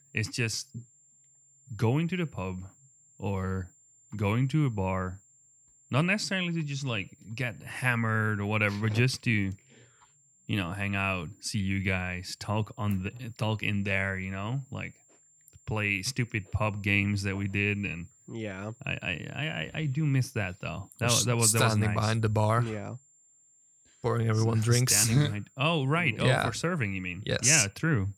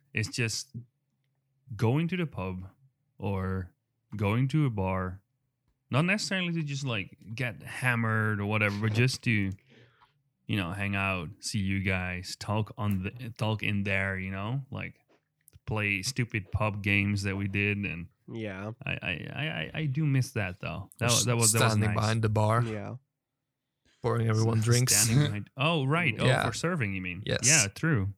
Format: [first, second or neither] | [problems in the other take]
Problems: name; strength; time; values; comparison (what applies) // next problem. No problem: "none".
second | high-pitched whine; faint; throughout; 7.5 kHz, 30 dB below the speech